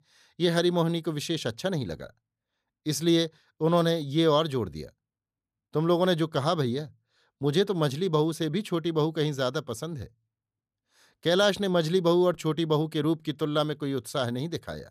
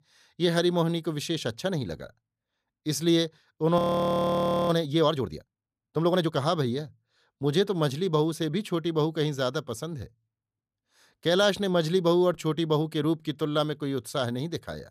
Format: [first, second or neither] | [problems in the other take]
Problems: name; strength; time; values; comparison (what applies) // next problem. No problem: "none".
first | audio freezing; at 4 s for 1 s